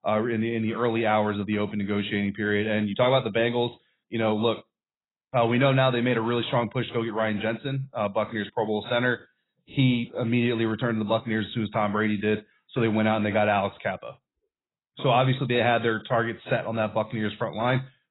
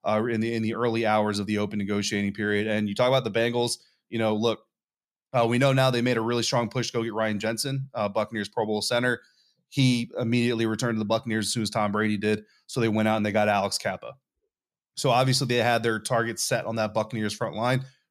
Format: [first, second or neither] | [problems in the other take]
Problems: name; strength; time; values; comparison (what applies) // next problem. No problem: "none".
second | garbled, watery; badly; nothing above 4 kHz